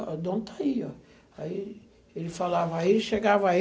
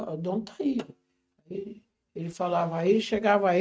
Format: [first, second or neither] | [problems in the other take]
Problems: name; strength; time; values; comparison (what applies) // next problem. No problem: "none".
first | noise reduction (neural mask model RNNoise)